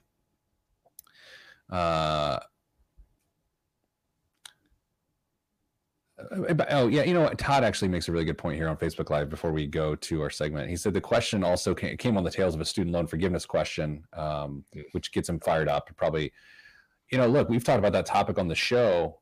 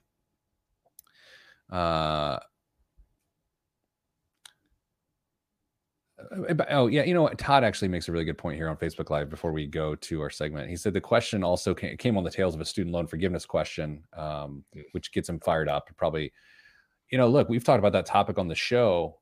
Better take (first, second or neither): second